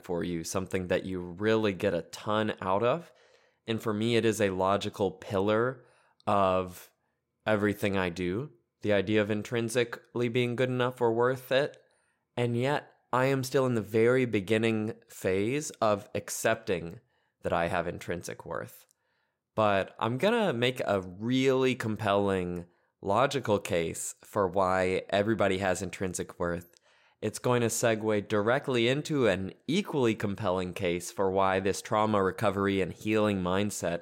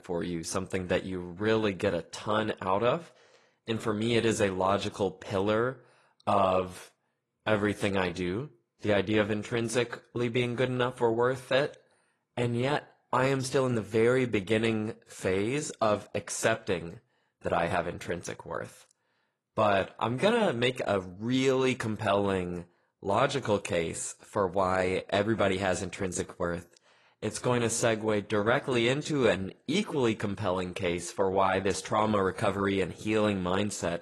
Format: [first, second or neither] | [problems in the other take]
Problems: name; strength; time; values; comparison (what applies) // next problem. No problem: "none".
first | garbled, watery; slightly; nothing above 11 kHz